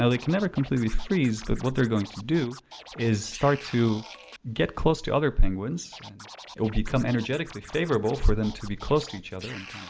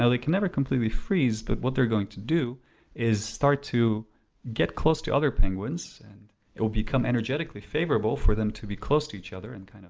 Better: second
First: background sound (Scratching (performance technique)); 20 dB below the speech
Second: none

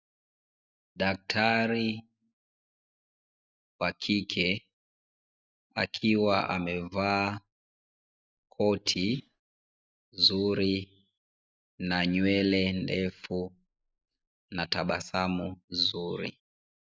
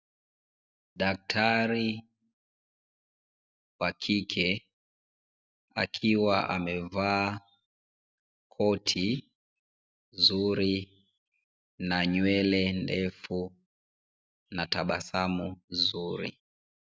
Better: second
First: noise reduction (neural mask model Resemble Enhance denoiser)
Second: none

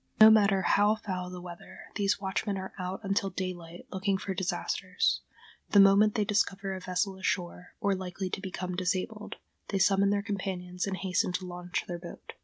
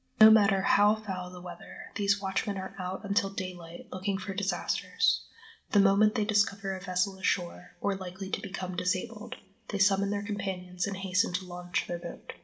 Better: first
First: none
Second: room echo; dies away in 0.8 s

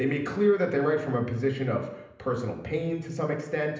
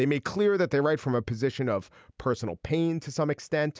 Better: second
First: room echo; dies away in 0.8 s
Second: none

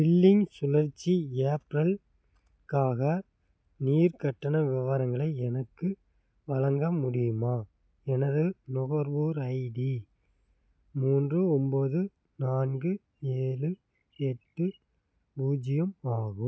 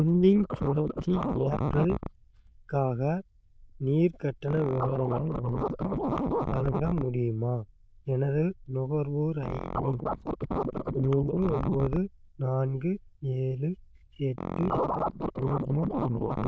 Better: first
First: none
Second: noise reduction (neural diffusion model UNIVERSE++)

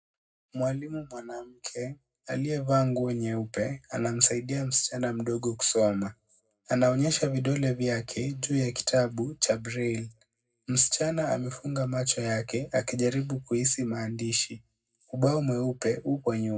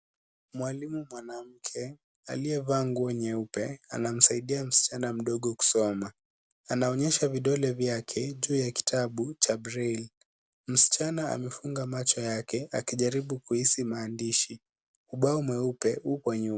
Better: second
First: room echo; dies away in 0.3 s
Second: none

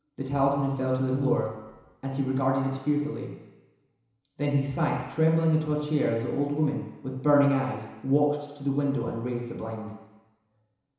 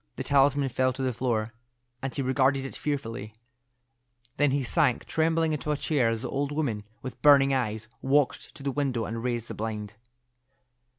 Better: second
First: background sound (Brass instrument); 7 dB below the speech // room echo; dies away in 1 s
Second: none

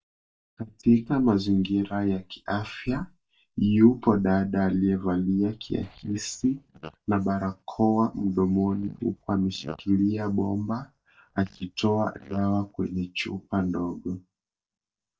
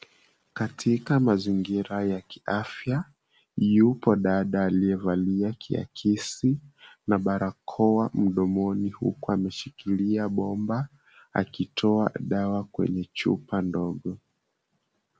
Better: second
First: noise reduction (neural mask model DeepFilterNet 3)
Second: none

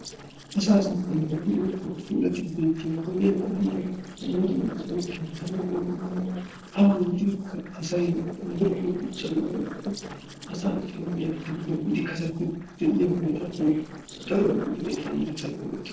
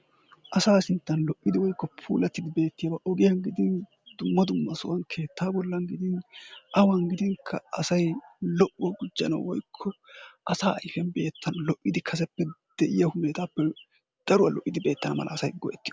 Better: second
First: noise reduction (neural separator model SepFormer DNS4)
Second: none

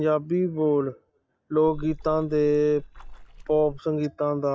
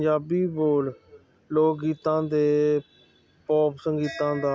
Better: second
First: noise reduction (neural mask model DeepFilterNet 3)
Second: none

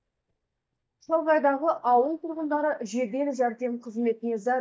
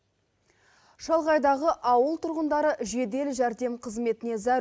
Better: second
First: noise reduction (neural mask model DeepFilterNet 3)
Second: none

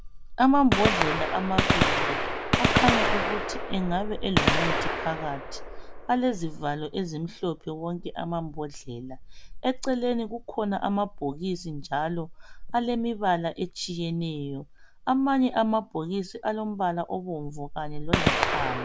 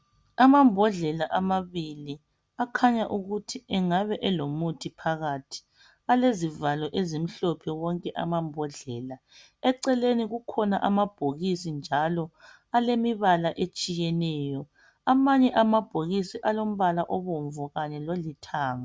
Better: second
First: background sound (Gunshot, gunfire); 1 dB below the speech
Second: none

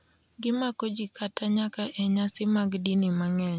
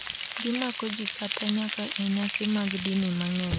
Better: first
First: none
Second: background sound (Frying (food)); 5 dB below the speech

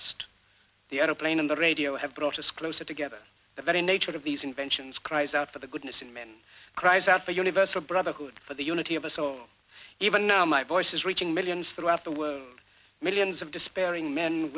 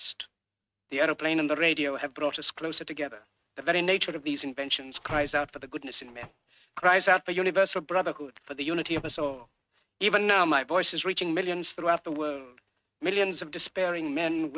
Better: first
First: none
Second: noise reduction (neural mask model RNNoise)

